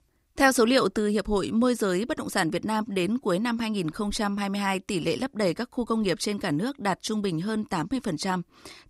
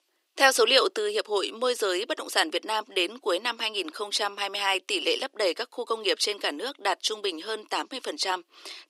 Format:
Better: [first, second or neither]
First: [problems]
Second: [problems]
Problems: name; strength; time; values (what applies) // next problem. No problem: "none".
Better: first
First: none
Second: thin; very; fading below 350 Hz